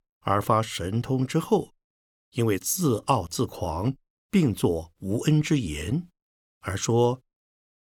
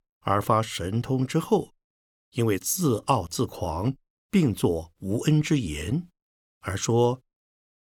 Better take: neither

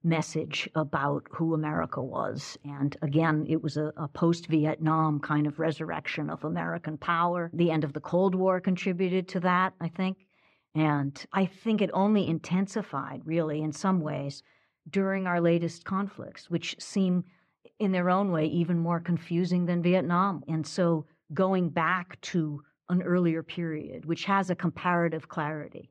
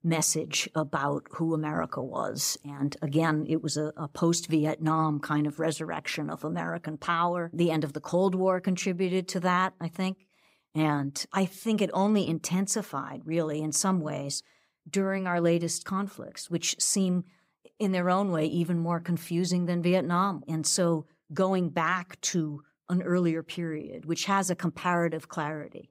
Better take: second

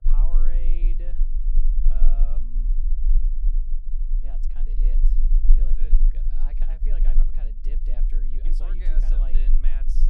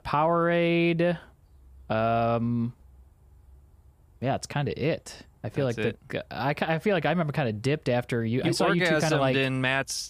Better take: second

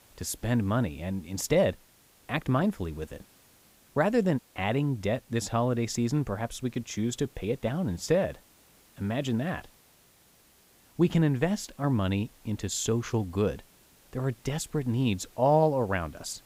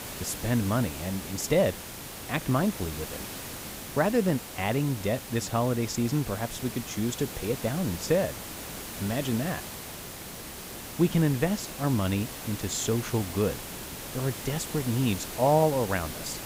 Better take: first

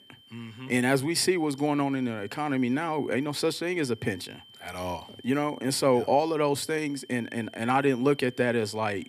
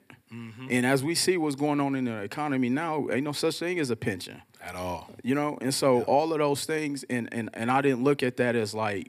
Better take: second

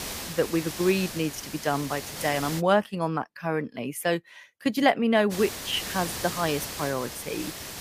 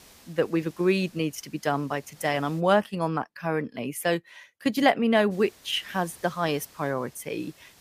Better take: second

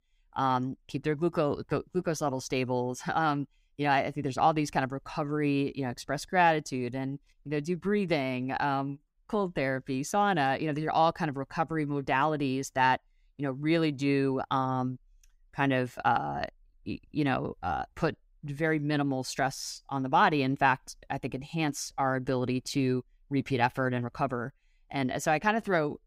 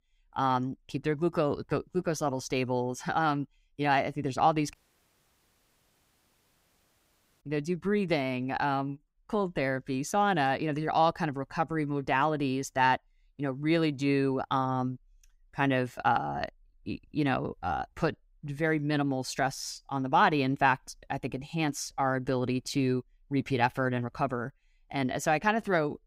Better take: first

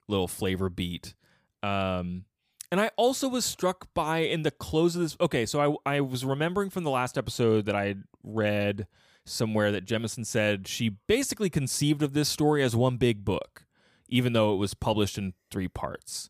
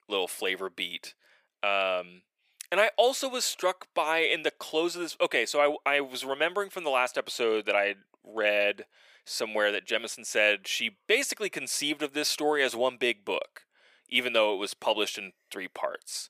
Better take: first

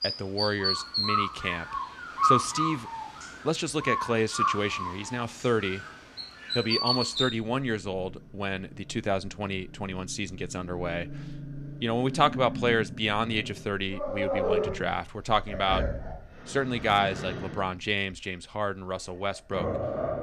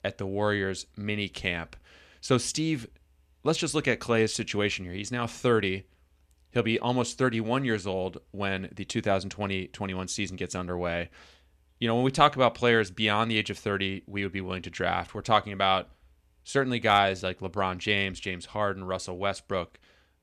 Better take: second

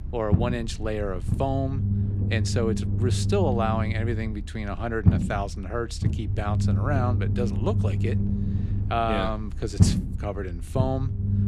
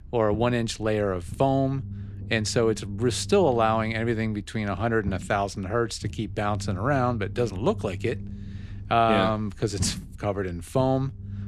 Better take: second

